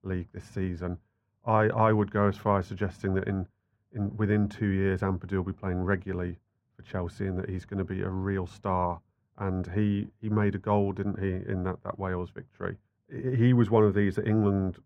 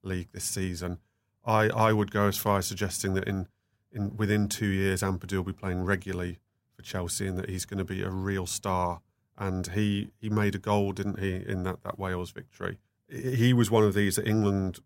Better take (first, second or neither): second